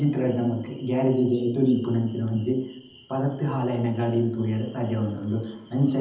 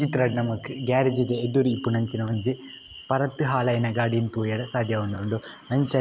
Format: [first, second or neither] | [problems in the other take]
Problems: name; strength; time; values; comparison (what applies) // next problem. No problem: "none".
second | room echo; dies away in 0.8 s